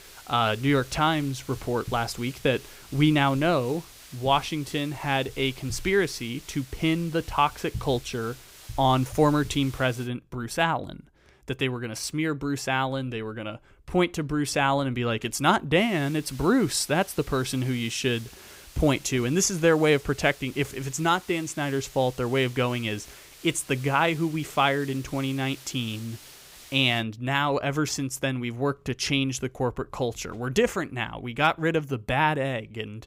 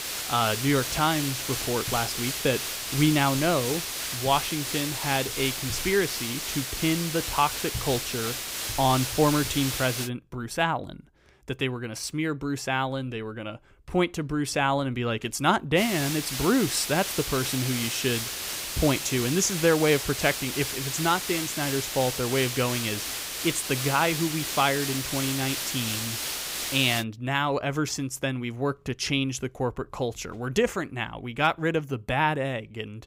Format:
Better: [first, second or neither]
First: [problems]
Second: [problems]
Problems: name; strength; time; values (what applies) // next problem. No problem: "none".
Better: first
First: hiss; faint; until 10 s and from 16 to 27 s; 20 dB below the speech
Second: hiss; loud; until 10 s and from 16 to 27 s; 3 dB below the speech